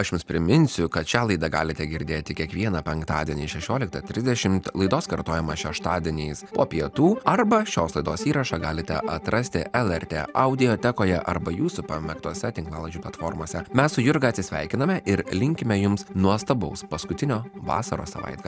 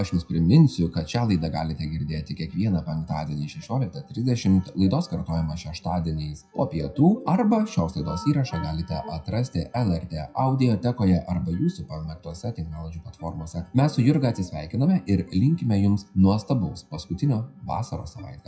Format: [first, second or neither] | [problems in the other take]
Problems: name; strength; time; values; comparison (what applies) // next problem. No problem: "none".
first | noise reduction (classical method WPE with log-MMSE)